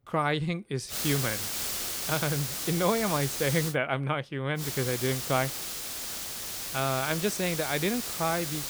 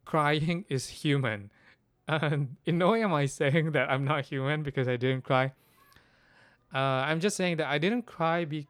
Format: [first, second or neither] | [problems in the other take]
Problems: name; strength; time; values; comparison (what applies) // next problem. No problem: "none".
second | hiss; loud; from 1 to 3.5 s and from 4.5 s on; 2 dB below the speech